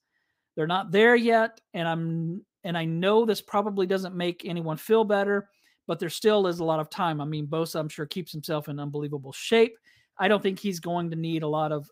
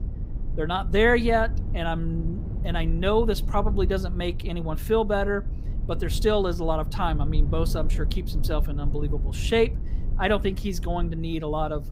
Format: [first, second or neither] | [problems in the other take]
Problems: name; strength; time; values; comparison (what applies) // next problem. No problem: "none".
first | low rumble; noticeable; throughout; 20 dB below the speech